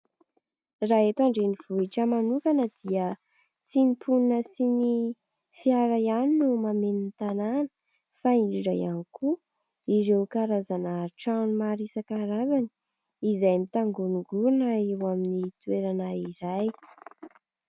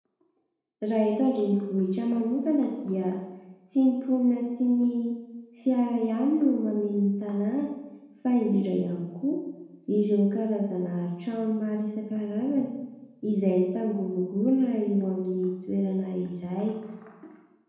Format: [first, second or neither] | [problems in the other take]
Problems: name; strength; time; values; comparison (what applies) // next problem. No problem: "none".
first | room echo; dies away in 0.9 s